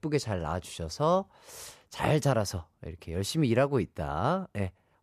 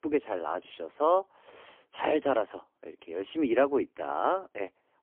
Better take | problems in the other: first | phone-call audio; poor line; nothing above 3.5 kHz

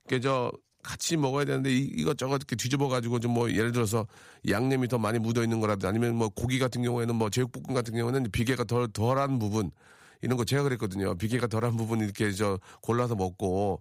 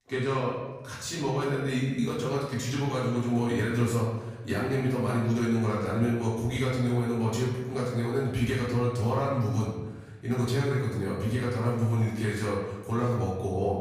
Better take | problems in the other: first | room echo; noticeable; dies away in 1 s // off-mic speech; far

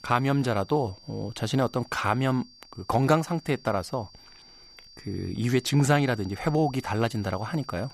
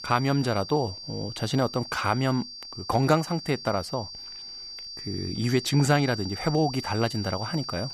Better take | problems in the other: first | high-pitched whine; loud; throughout; 4.5 kHz, 10 dB below the speech; faint in the first

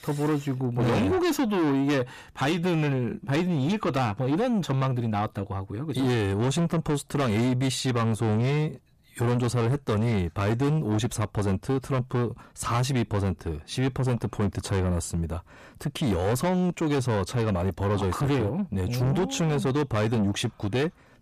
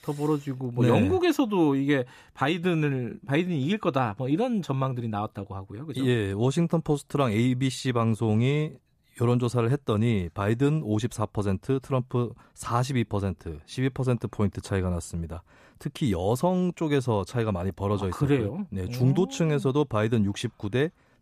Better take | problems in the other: second | distortion; heavy; 8 dB below the speech

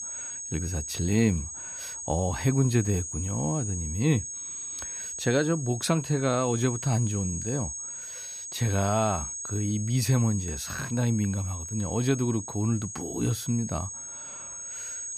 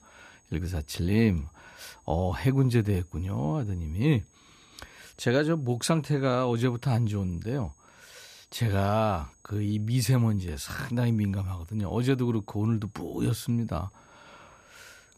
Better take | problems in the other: second | high-pitched whine; loud; throughout; 6.5 kHz, 7 dB below the speech; faint in the second

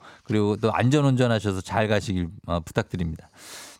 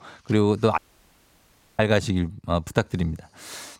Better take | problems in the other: first | audio cutting out; at 1 s for 1 s

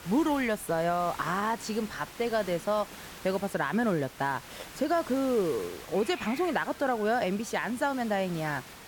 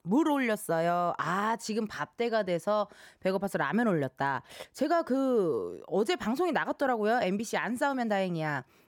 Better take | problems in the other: second | hiss; noticeable; throughout; 15 dB below the speech

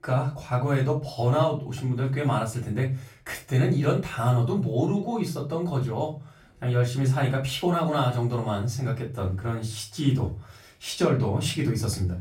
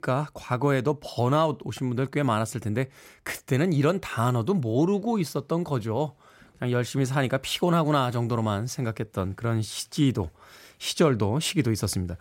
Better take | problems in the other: second | off-mic speech; far // room echo; very slight; dies away in 0.3 s

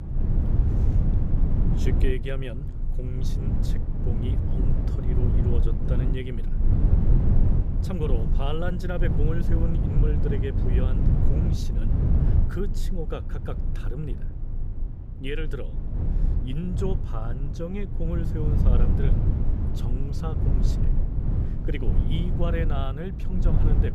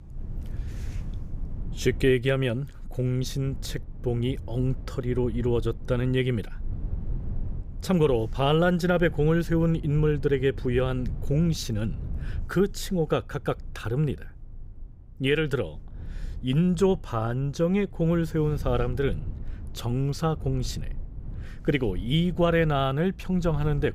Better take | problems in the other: second | low rumble; loud; throughout; 2 dB below the speech; faint in the second

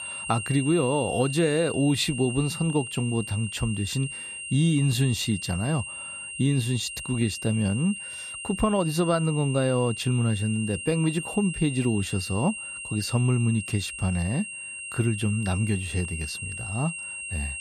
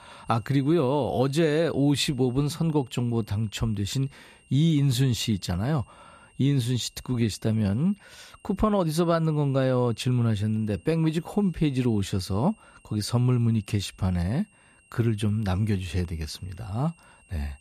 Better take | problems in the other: second | high-pitched whine; loud; throughout; 3 kHz, 8 dB below the speech; faint in the second

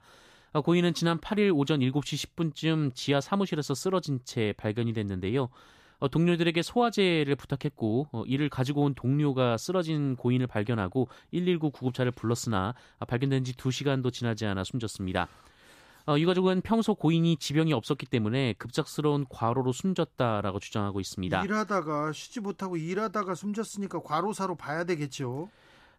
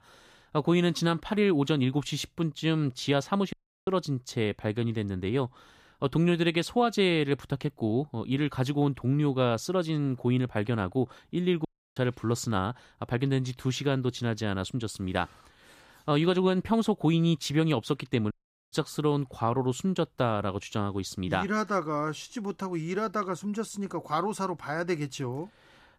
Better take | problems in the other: first | audio cutting out; at 3.5 s, at 12 s and at 18 s

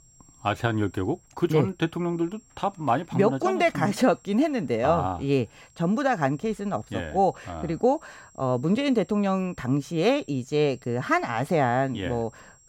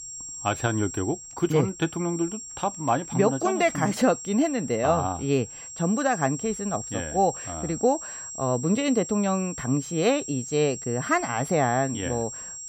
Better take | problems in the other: first | high-pitched whine; loud; throughout; 7.5 kHz, 10 dB below the speech; faint in the first

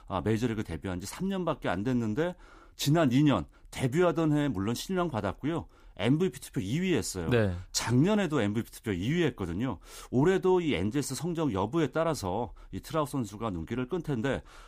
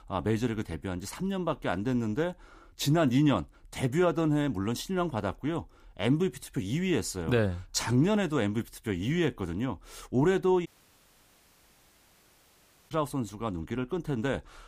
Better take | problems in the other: first | audio cutting out; at 11 s for 2.5 s

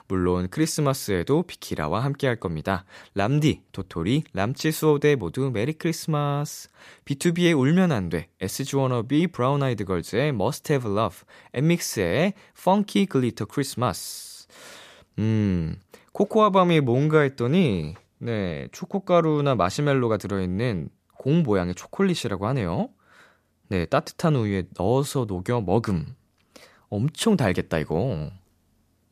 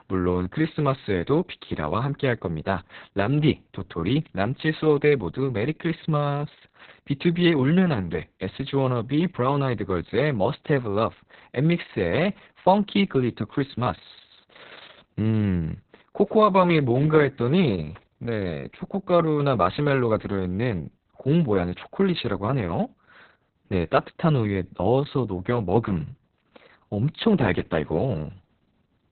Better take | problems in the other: first | garbled, watery; badly; nothing above 4 kHz

